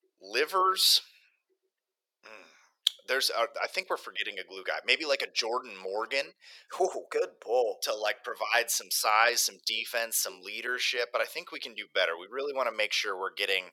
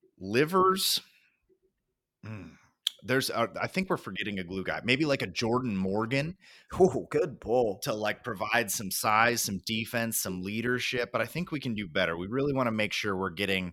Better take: second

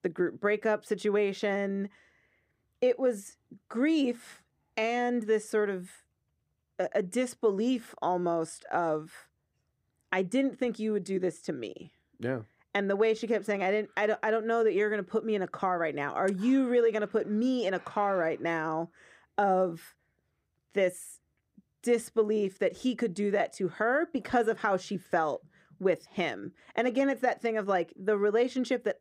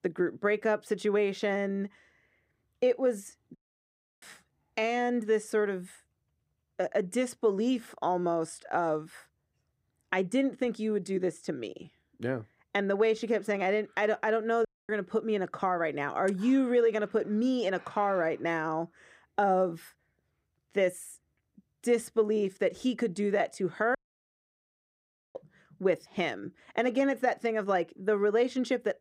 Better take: first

